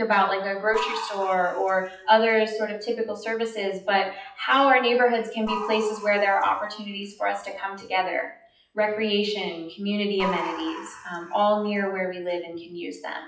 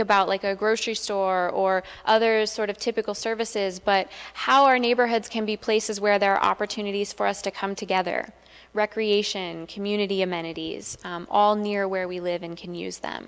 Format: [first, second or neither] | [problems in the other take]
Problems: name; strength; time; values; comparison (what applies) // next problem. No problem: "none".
second | noise reduction (classical method WPE with log-MMSE)